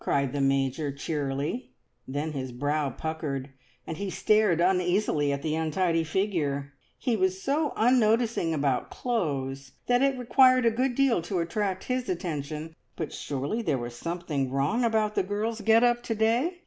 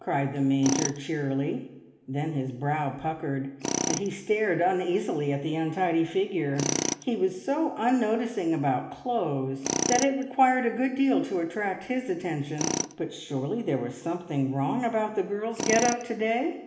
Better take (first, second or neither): first